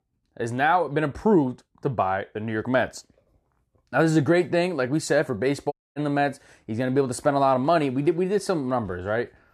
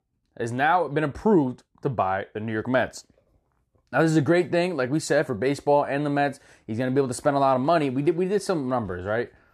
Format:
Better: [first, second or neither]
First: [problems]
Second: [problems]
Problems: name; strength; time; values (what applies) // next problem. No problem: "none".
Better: second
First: audio cutting out; at 5.5 s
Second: none